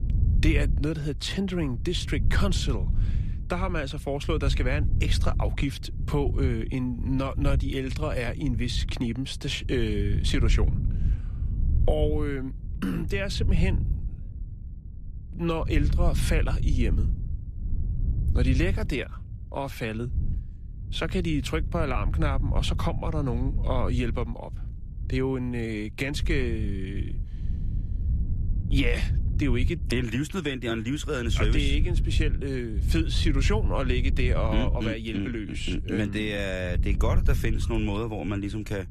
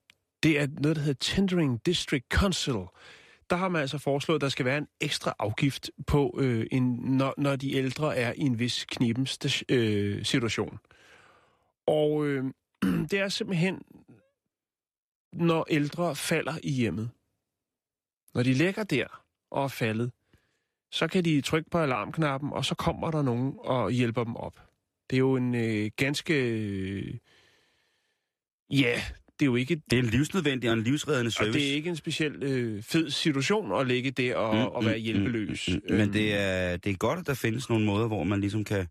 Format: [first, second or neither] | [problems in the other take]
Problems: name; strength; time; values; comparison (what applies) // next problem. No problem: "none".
second | wind noise on the microphone; occasional gusts; 15 dB below the speech